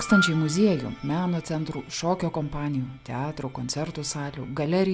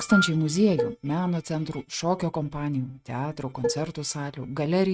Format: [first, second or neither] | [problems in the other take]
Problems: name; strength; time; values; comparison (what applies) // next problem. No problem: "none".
first | noise reduction (neural mask model RNNoise)